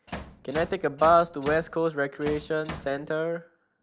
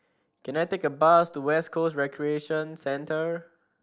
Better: second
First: background sound (Bass drum); 13 dB below the speech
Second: none

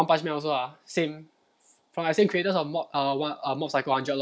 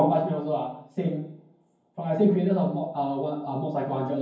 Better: first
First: none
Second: room echo; dies away in 0.9 s

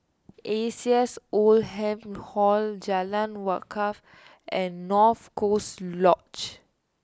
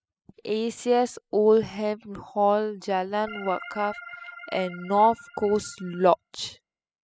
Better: first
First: none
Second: noise reduction (classical method spectral subtraction)

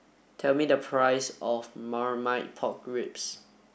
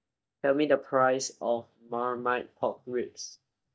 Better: first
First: none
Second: noise reduction (neural mask model DeepFilterNet 3)

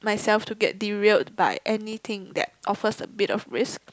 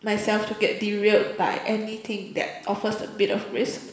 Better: first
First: none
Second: room echo; dies away in 1.2 s

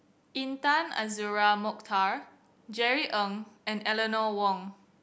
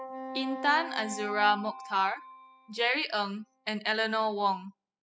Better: first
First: none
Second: noise reduction (classical method spectral subtraction)

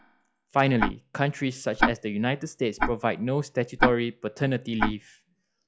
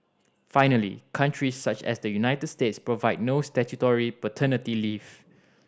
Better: second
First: noise reduction (classical method log-MMSE)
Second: none

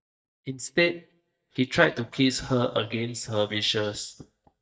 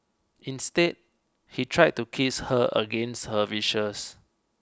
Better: second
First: noise reduction (neural mask model DeepFilterNet 3)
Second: none

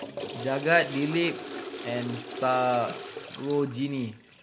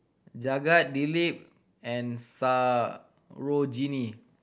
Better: second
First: background sound (Toilet flush / Water); 10 dB below the speech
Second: none

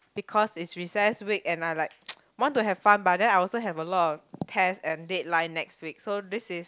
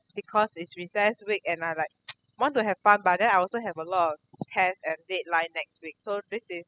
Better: first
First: none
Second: noise reduction (classical method spectral subtraction)

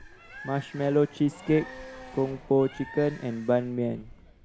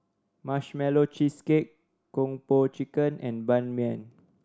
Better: second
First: background sound (Bird + Race car, auto racing / Accelerating, revving, vroom); 17 dB below the speech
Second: none

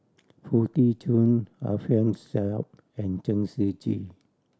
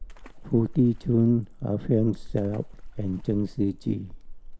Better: first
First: none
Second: background sound (Water / Splash, splatter); 13 dB below the speech

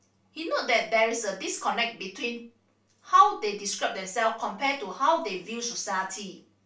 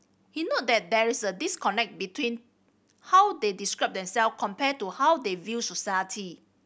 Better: second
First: room echo; dies away in 0.3 s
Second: none

